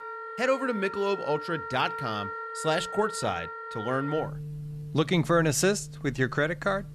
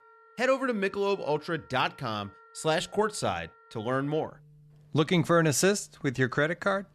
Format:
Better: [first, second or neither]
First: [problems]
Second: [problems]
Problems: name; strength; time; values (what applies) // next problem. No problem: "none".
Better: second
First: background music; loud; throughout; 9 dB below the speech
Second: background music; faint; throughout; 30 dB below the speech